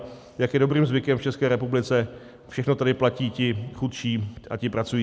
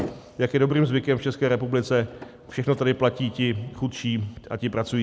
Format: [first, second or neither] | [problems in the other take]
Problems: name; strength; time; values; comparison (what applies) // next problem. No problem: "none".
first | background sound (Motor vehicle (road)); 19 dB below the speech